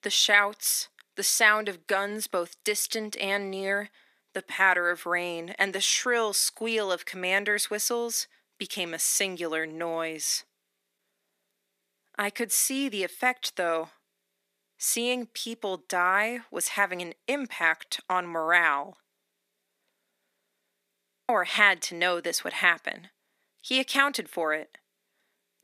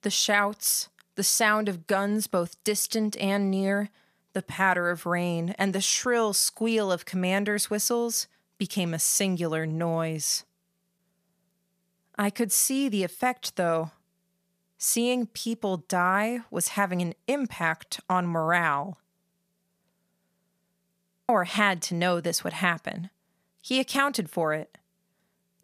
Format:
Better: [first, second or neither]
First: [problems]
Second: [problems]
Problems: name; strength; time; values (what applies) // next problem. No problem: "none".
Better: second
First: thin; somewhat; fading below 300 Hz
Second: none